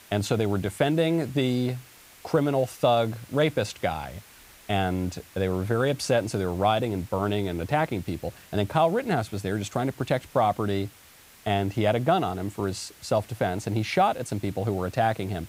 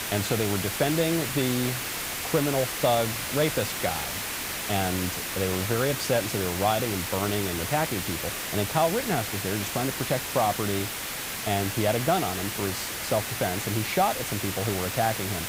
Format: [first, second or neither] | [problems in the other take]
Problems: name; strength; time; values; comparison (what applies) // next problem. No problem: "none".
first | hiss; loud; throughout; 2 dB below the speech; faint in the first